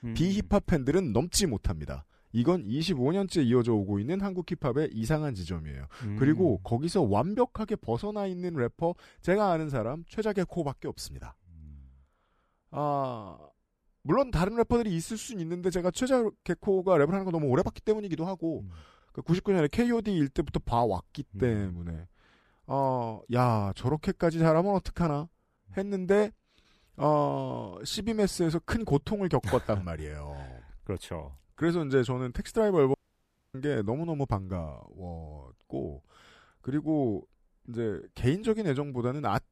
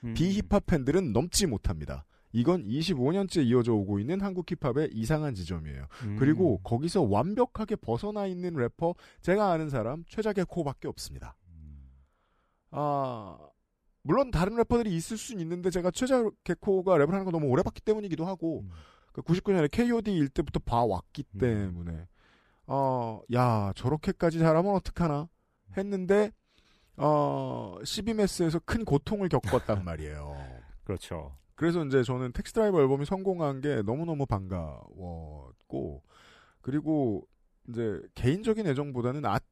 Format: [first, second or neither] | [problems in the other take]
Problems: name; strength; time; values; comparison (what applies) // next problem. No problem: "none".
second | audio cutting out; at 33 s for 0.5 s